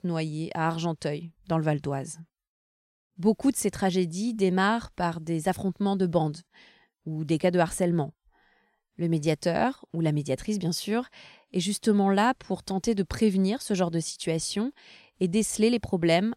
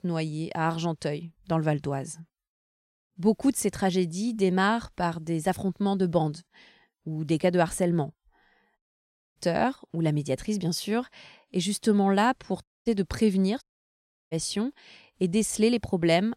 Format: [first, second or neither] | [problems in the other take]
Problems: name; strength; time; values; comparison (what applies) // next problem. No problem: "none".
first | audio cutting out; at 9 s for 0.5 s, at 13 s and at 14 s for 0.5 s